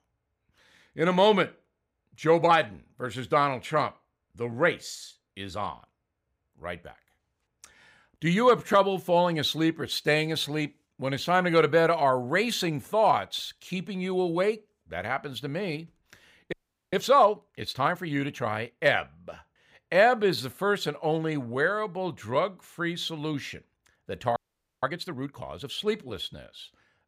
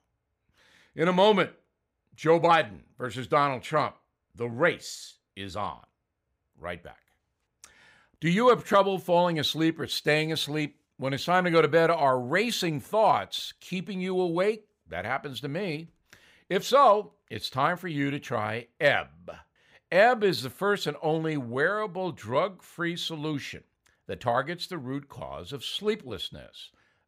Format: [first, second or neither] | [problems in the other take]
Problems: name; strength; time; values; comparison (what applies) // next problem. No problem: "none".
second | audio freezing; at 17 s and at 24 s